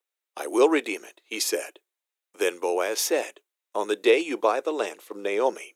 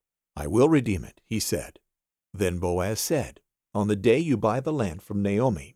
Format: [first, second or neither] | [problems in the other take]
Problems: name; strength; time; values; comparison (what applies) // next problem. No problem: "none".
second | thin; very; fading below 350 Hz